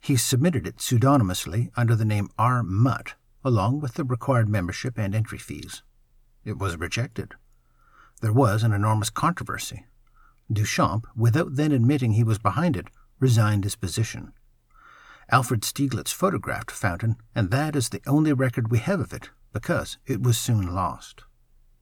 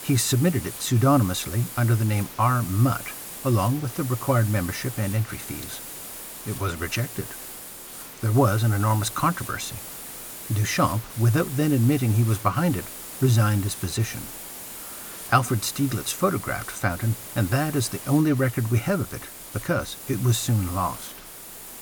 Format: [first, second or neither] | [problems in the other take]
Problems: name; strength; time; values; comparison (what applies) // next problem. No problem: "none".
first | hiss; noticeable; throughout; 10 dB below the speech